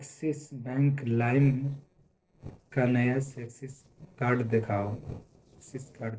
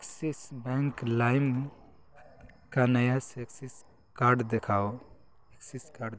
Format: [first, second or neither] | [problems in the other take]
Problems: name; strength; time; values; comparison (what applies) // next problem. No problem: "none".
second | noise reduction (neural separator model SepFormer DNS4)